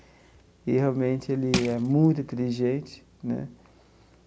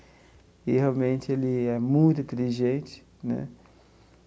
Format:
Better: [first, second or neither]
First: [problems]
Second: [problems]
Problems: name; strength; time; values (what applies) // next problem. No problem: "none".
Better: second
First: background sound (Crushing); 5 dB below the speech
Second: none